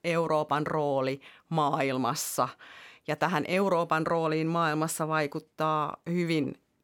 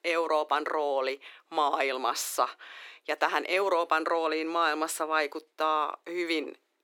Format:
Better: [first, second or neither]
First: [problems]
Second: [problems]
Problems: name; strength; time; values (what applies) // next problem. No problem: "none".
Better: first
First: none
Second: thin; very; fading below 350 Hz